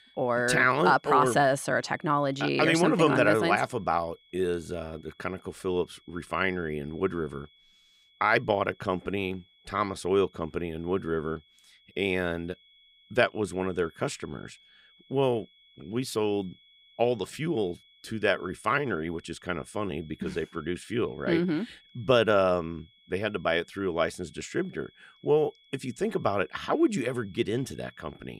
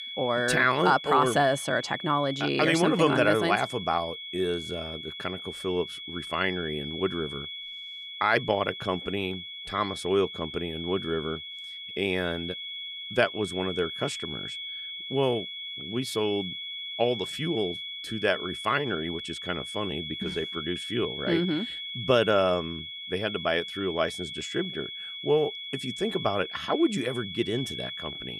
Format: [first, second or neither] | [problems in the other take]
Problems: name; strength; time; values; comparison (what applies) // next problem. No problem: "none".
first | high-pitched whine; loud; throughout; 3.5 kHz, 7 dB below the speech; faint in the first